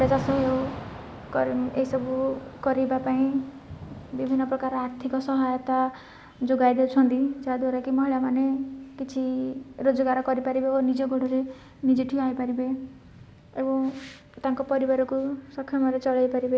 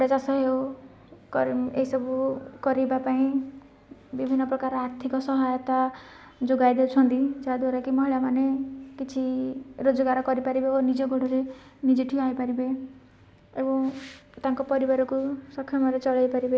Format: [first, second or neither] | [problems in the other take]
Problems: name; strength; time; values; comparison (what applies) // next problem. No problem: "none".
second | background sound (Thunder / Rain); 17 dB below the speech